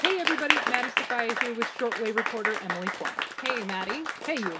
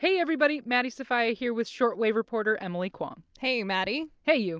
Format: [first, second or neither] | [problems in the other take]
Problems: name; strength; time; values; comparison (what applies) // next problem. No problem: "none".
second | background sound (Applause); 2 dB above the speech // room echo; dies away in 0.3 s